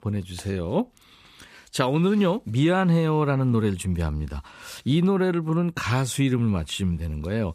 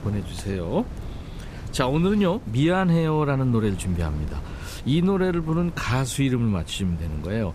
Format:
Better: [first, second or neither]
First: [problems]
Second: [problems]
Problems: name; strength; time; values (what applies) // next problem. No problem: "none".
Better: first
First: none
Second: wind noise on the microphone; occasional gusts; 20 dB below the speech